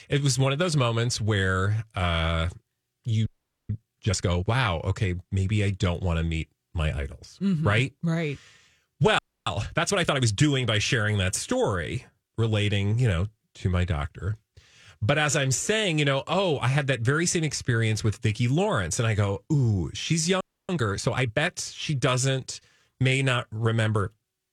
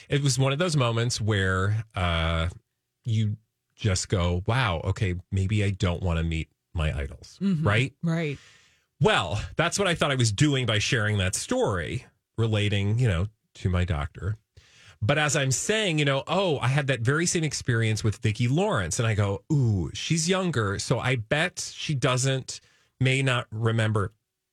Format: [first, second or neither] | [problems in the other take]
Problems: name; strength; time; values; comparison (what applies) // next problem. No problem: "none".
second | audio freezing; at 3.5 s, at 9 s and at 20 s